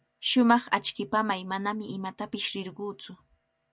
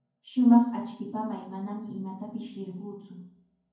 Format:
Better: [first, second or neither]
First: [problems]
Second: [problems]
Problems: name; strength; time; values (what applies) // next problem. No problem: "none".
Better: first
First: none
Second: room echo; dies away in 0.9 s